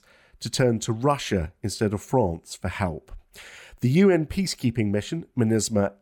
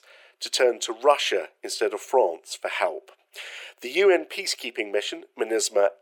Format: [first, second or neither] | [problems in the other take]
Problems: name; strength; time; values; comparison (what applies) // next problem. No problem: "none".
first | thin; very; fading below 400 Hz